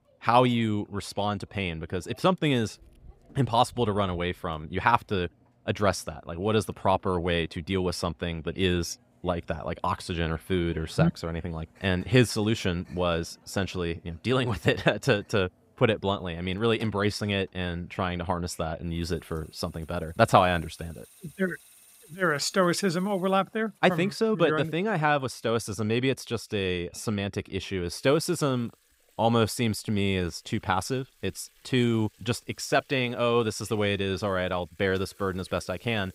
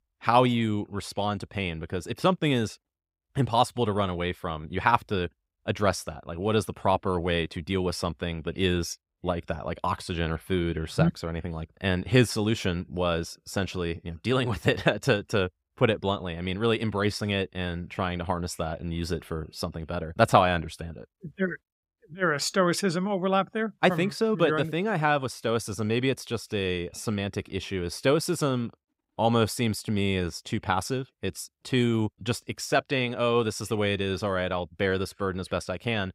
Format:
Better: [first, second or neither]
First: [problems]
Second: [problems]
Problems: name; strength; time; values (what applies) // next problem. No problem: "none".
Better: second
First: household noises; faint; throughout; 30 dB below the speech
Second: none